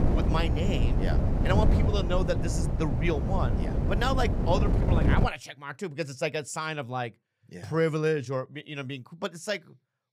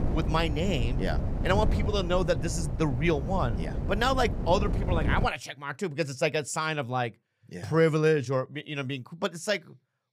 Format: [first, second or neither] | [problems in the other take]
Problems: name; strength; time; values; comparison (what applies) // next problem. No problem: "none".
second | wind noise on the microphone; heavy; until 5.5 s; 4 dB below the speech; occasional gusts in the second